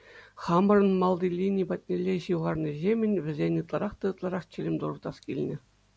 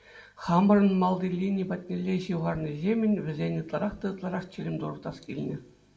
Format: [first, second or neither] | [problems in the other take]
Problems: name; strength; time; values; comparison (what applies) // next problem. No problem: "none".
first | room echo; dies away in 0.4 s